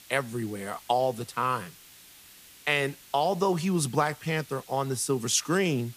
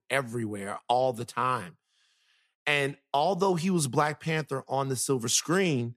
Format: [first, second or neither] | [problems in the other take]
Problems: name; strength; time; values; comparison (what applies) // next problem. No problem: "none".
second | hiss; faint; throughout; 20 dB below the speech